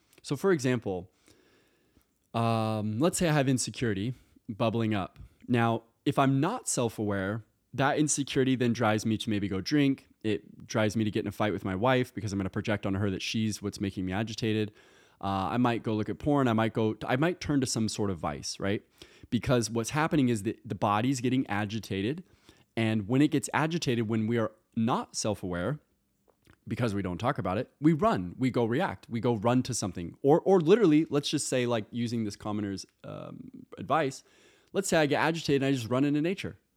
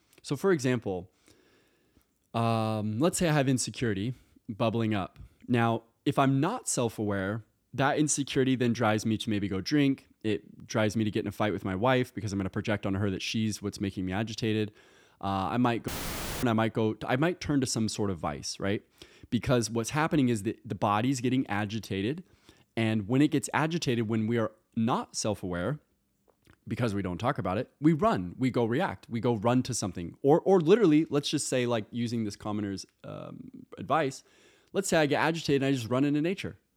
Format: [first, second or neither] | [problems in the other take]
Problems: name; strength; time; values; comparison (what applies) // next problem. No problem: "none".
first | audio cutting out; filled with static; at 16 s for 0.5 s